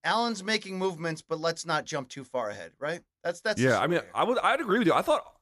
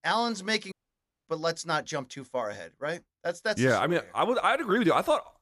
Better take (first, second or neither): first